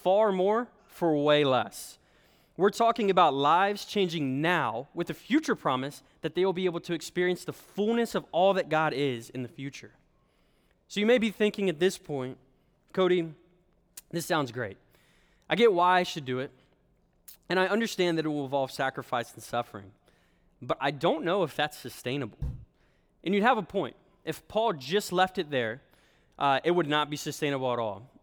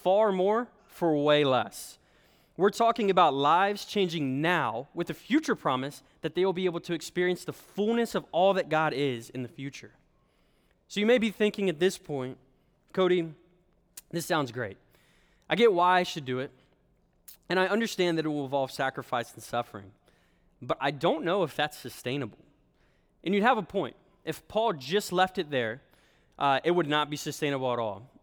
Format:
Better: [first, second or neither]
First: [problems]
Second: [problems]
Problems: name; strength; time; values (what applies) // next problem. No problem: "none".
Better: second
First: door banging; faint; at 22 s; peak 10 dB below the speech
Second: none